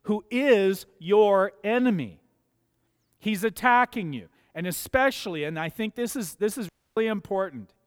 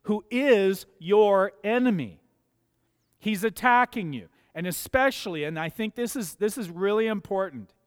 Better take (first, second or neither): second